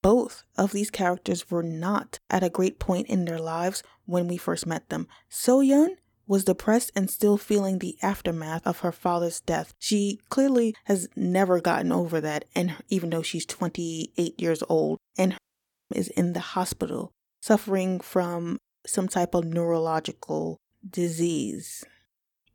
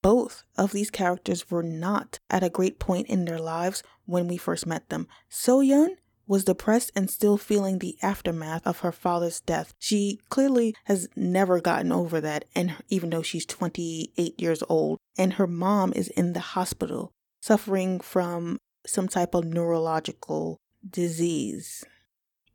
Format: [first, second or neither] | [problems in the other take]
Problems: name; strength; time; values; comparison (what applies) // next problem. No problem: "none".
second | audio cutting out; at 15 s for 0.5 s